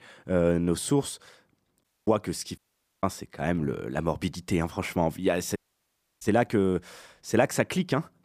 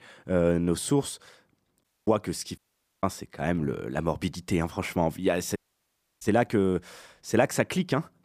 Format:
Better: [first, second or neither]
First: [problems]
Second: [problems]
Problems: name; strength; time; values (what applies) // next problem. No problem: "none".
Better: neither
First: audio cutting out; at 2 s, at 2.5 s and at 5.5 s for 0.5 s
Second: audio cutting out; at 2 s, at 2.5 s and at 5.5 s for 0.5 s